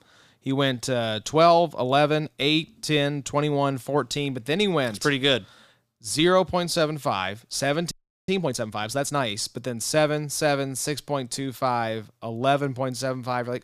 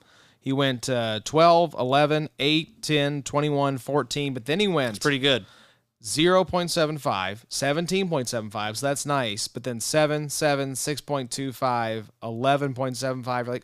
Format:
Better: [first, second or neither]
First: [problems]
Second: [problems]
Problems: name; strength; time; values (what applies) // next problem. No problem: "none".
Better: second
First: audio freezing; at 8 s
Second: none